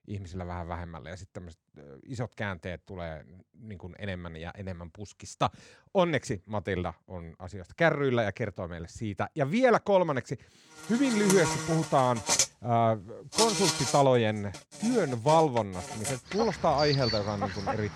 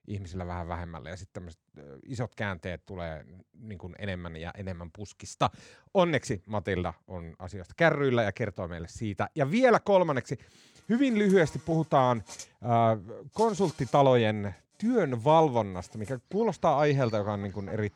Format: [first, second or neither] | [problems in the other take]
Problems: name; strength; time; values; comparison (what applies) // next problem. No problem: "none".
second | animal sounds; loud; from 11 s on; 3 dB below the speech; faint in the second